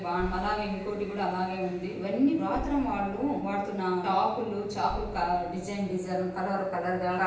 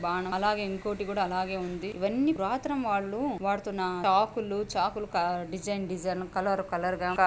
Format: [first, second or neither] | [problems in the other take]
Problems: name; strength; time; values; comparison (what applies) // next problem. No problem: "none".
second | background sound (Boom); 15 dB below the speech // room echo; dies away in 0.9 s